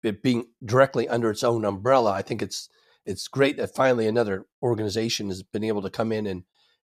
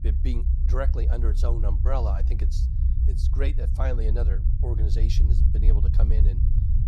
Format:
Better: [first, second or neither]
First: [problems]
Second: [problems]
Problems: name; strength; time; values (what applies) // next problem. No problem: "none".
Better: first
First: none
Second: low rumble; loud; throughout; 5 dB below the speech